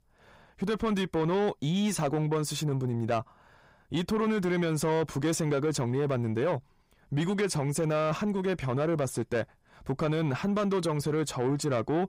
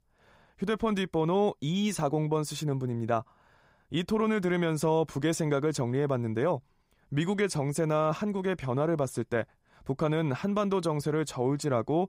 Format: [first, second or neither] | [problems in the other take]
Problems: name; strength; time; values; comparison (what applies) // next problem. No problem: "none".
second | distortion; slight; 10 dB below the speech